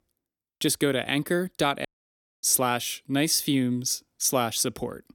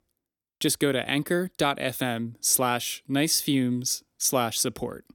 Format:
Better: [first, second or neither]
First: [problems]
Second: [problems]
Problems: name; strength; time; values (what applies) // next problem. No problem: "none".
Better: second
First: audio cutting out; at 2 s for 0.5 s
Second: none